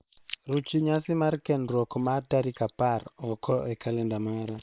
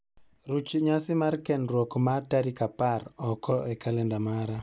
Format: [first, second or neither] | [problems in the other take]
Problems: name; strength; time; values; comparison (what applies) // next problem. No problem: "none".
second | noise reduction (neural separator model SepFormer WHAM!)